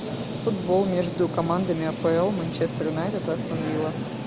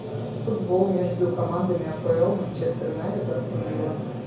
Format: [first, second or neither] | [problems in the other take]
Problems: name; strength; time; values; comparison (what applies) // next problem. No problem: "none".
first | room echo; dies away in 0.6 s